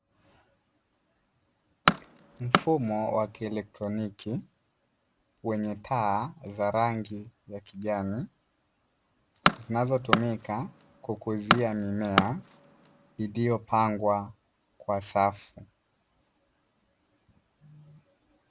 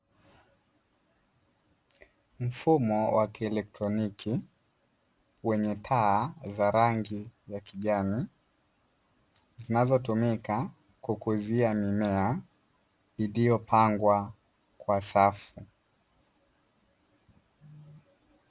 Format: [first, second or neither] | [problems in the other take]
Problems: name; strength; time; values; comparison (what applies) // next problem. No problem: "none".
second | background sound (Tools); 1 dB above the speech